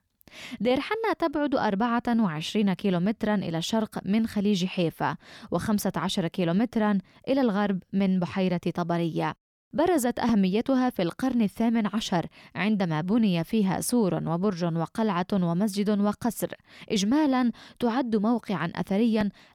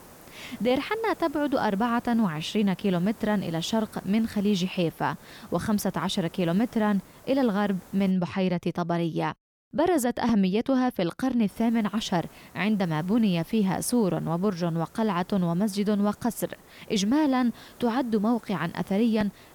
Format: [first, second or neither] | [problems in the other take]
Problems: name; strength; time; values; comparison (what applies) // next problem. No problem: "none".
first | hiss; faint; until 8 s and from 11 s on; 25 dB below the speech